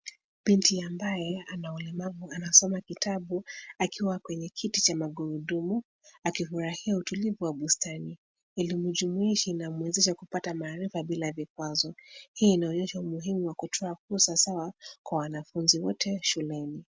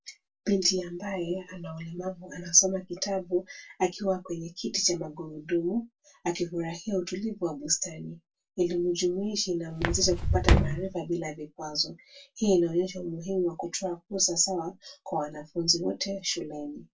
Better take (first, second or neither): first